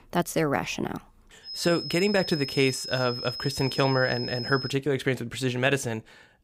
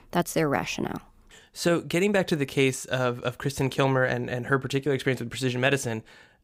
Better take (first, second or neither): second